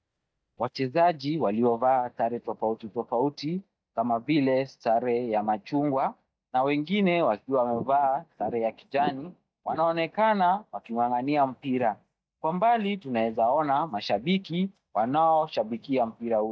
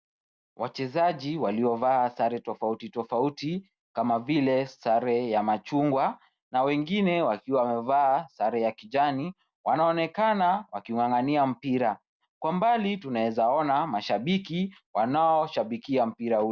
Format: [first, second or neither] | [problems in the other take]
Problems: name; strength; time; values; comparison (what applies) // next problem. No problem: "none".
second | noise reduction (neural mask model DeepFilterNet 3)